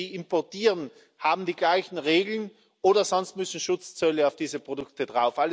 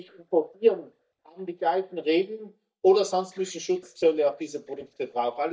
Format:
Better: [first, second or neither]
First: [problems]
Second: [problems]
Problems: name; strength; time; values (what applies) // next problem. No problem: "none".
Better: first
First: none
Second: noise reduction (neural mask model DeepFilterNet 3)